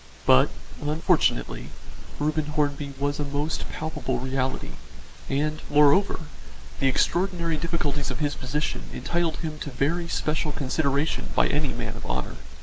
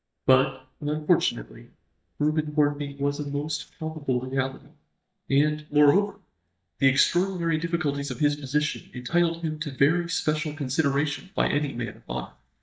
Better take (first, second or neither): first